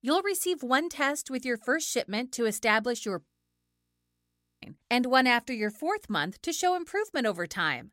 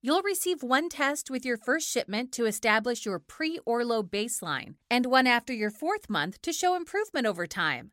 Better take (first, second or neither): second